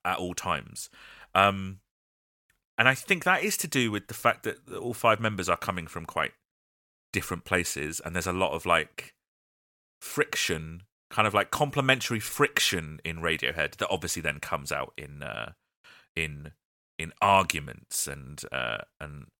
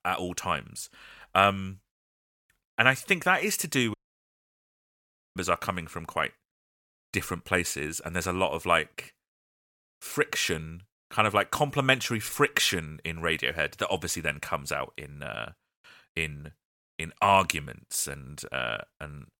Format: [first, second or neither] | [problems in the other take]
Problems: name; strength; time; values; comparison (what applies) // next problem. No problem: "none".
first | audio cutting out; at 4 s for 1.5 s